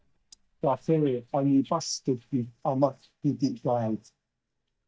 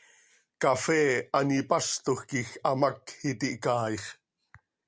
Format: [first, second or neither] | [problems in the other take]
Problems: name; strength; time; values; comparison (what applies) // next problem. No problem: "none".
second | noise reduction (neural mask model DeepFilterNet 3)